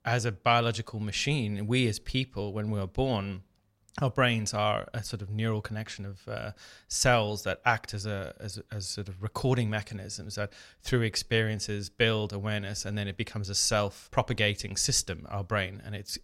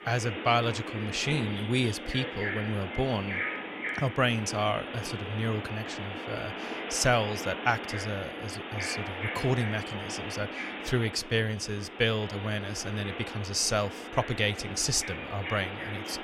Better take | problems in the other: first | animal sounds; loud; throughout; 6 dB below the speech

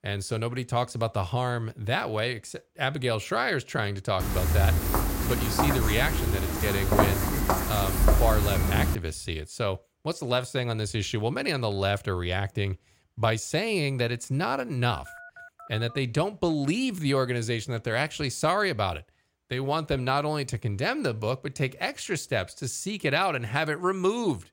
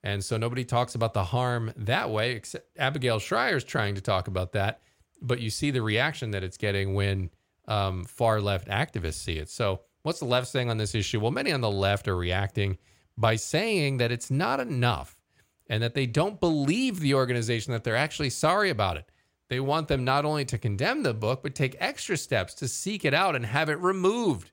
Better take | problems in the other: second | footsteps; loud; from 4 to 9 s; peak 5 dB above the speech // phone ringing; faint; from 15 to 16 s; peak 15 dB below the speech

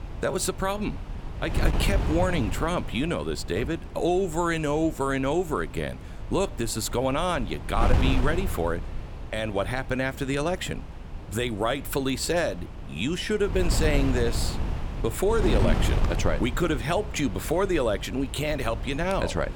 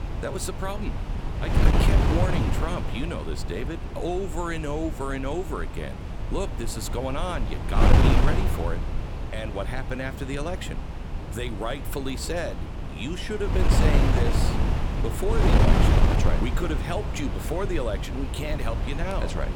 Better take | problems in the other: first | wind noise on the microphone; heavy; 1 dB below the speech; occasional gusts in the first

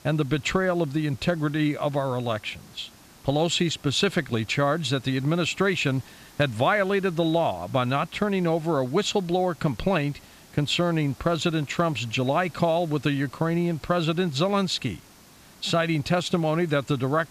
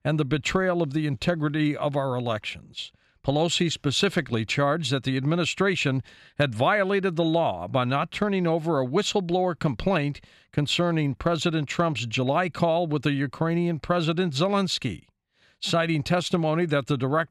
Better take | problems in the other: second | hiss; faint; throughout; 25 dB below the speech

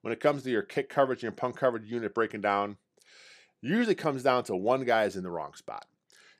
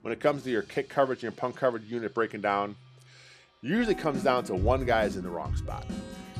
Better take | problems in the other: first | background music; loud; throughout; 8 dB below the speech

